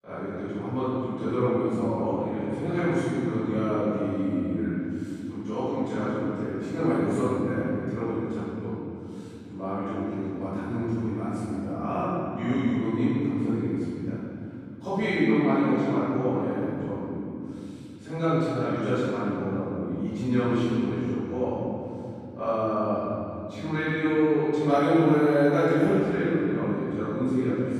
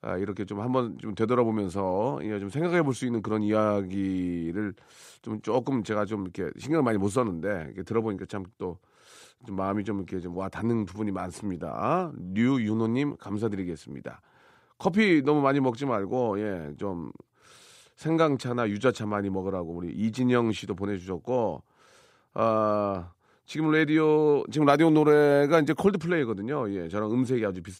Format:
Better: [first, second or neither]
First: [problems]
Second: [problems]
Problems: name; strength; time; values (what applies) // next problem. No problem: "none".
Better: second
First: room echo; strong; dies away in 3 s // off-mic speech; far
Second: none